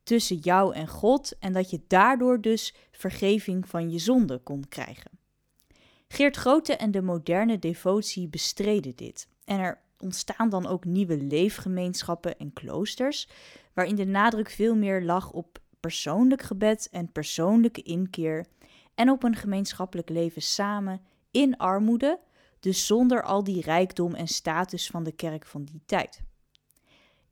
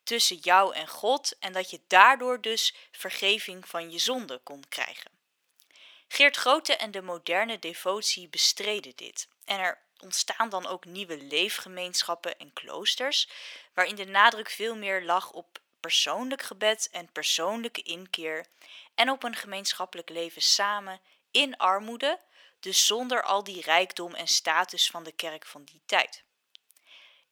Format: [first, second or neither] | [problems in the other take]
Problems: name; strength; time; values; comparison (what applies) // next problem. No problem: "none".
first | thin; very; fading below 800 Hz